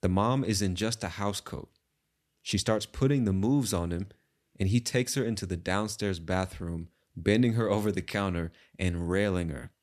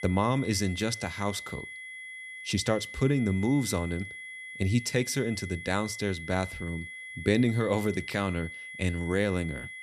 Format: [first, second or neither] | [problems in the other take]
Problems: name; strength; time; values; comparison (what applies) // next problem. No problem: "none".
first | high-pitched whine; noticeable; throughout; 2 kHz, 10 dB below the speech